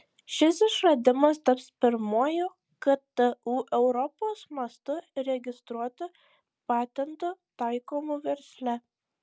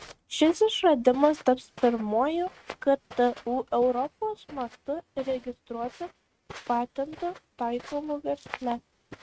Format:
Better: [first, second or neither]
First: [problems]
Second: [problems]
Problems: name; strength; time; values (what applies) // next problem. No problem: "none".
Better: first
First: none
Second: noise reduction (neural mask model RNNoise)